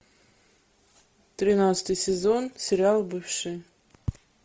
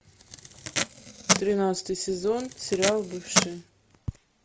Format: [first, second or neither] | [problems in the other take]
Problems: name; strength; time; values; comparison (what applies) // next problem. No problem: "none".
first | background sound (Packing tape, duct tape); 1 dB below the speech